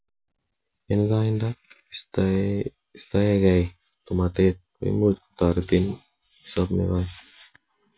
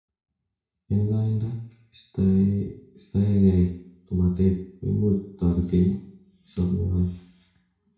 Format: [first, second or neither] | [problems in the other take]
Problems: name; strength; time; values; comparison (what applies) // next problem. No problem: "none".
first | room echo; dies away in 0.6 s